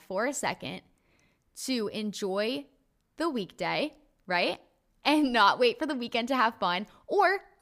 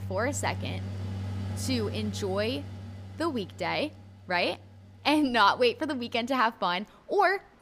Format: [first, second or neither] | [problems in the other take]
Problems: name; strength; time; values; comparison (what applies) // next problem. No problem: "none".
first | machinery noise; loud; throughout; 10 dB below the speech